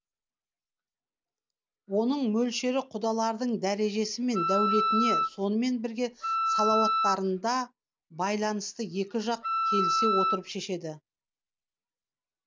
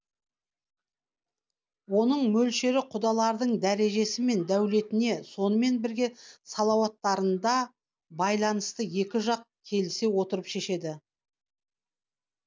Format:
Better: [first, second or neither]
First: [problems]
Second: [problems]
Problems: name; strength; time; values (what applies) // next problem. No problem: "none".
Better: second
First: background sound (Wind instrument, woodwind instrument); 3 dB above the speech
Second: none